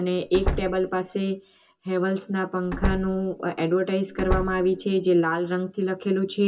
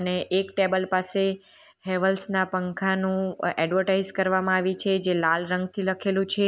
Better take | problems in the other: second | background sound (Slam); 6 dB below the speech // room echo; dies away in 0.2 s

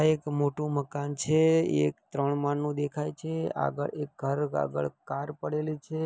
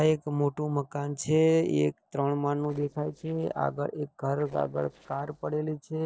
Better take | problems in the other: first | noise reduction (neural separator model SepFormer DNS4)

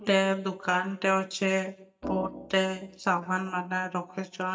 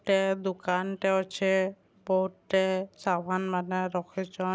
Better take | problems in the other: second | noise reduction (neural mask model DeepFilterNet 3)

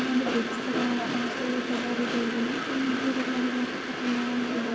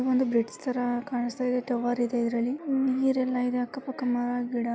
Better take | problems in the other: second | background sound (Train); 1 dB below the speech // room echo; dies away in 2.1 s

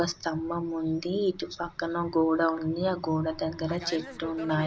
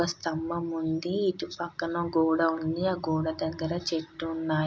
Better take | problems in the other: second | background sound (Fixed-wing aircraft, airplane); 19 dB below the speech

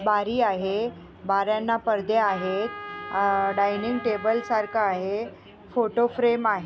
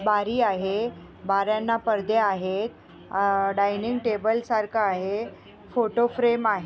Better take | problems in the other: second | background sound (Trumpet); 13 dB below the speech

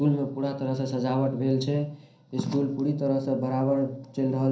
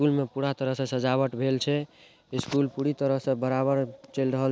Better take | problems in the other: second | room echo; dies away in 0.6 s

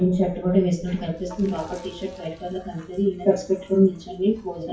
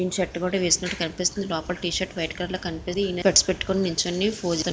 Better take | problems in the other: second | noise reduction (classical method WPE with log-MMSE)

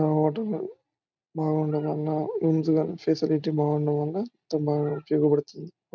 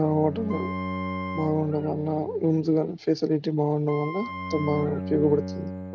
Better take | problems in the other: first | background sound (Bowed string instrument + Wind instrument, woodwind instrument); 8 dB below the speech

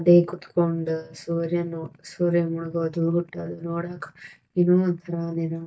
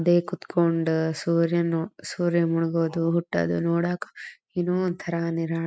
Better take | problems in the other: second | noise reduction (neural mask model DeepFilterNet 3)

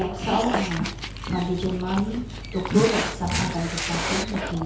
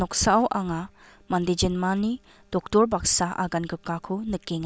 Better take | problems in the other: second | background sound (Dog); 2 dB below the speech // room echo; dies away in 0.8 s

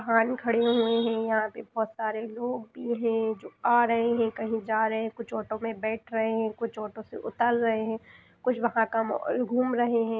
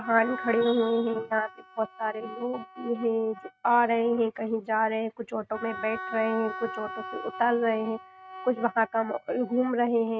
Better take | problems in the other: first | noise reduction (neural mask model RNNoise)

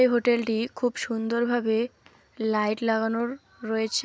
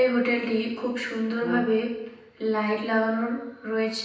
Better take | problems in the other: first | background sound (Brass instrument); 11 dB below the speech // room echo; dies away in 0.9 s

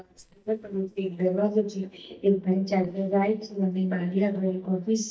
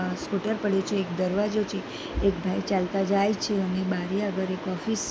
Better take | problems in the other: second | noise reduction (neural mask model DeepFilterNet 3)

